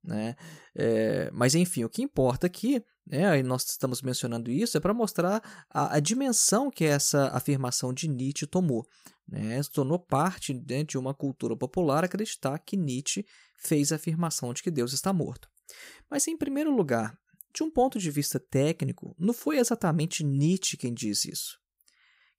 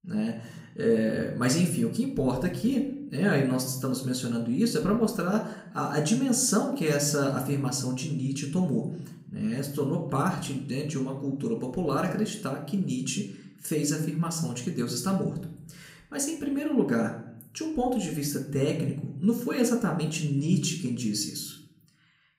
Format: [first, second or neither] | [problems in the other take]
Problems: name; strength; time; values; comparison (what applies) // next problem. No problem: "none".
first | room echo; slight; dies away in 0.6 s // off-mic speech; somewhat distant